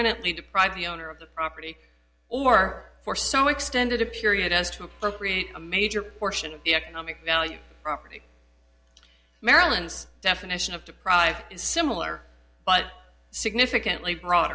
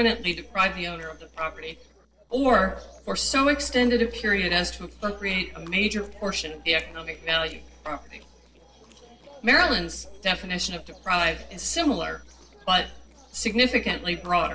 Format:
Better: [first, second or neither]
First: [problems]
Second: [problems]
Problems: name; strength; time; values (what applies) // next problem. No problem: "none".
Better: first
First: none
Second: noise reduction (neural separator model SepFormer DNS4)